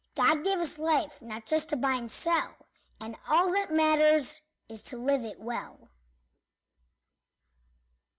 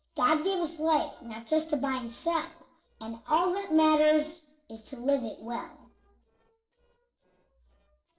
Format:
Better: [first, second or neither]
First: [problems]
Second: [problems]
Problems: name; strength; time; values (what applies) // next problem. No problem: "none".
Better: first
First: none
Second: noise reduction (neural separator model SepFormer DNS4)